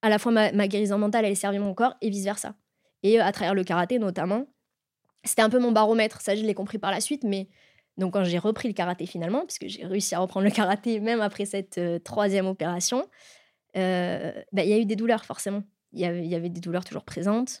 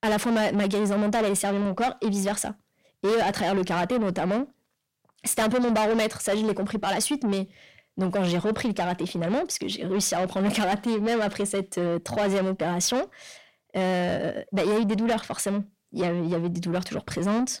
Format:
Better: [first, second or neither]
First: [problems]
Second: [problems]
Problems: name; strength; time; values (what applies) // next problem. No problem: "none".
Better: first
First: none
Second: distortion; heavy; 7 dB below the speech